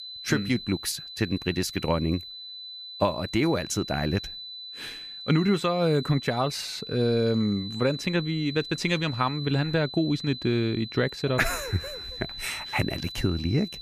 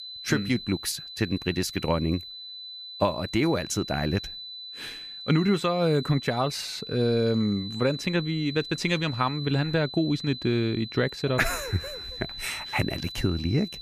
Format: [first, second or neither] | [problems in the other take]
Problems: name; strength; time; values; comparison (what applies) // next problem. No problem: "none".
neither | high-pitched whine; loud; throughout; 4 kHz, 10 dB below the speech; the same in both